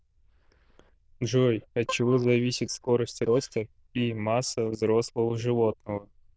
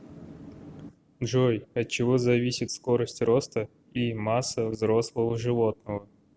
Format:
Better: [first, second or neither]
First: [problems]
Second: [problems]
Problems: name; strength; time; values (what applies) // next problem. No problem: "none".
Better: second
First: noise reduction (neural diffusion model UNIVERSE++)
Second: none